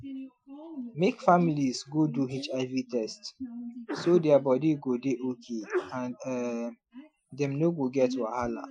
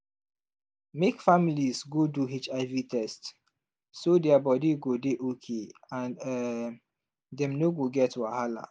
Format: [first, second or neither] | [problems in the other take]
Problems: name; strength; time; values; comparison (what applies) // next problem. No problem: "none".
second | noise reduction (classical method Wiener filter)